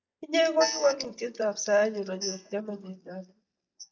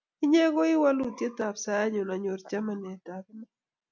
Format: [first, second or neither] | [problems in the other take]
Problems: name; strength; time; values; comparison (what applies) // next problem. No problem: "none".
second | noise reduction (neural mask model DeepFilterNet 3)